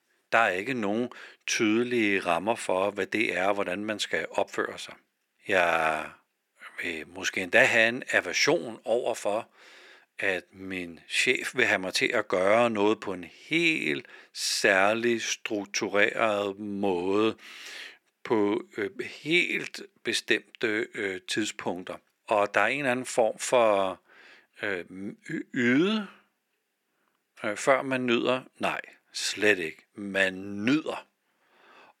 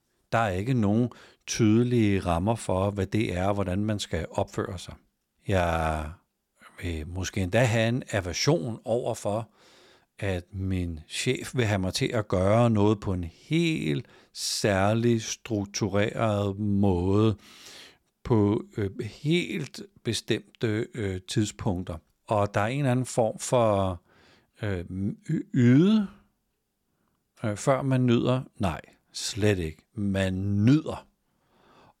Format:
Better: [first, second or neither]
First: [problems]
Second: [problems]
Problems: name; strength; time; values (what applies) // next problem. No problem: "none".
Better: second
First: thin; somewhat; fading below 350 Hz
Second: none